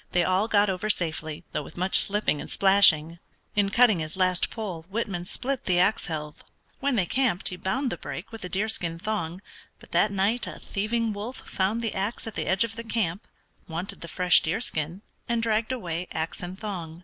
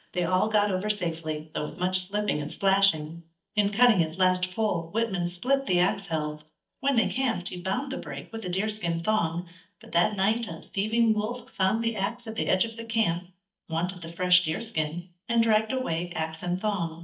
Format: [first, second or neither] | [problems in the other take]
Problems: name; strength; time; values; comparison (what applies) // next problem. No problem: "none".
first | noise reduction (neural mask model DeepFilterNet 3)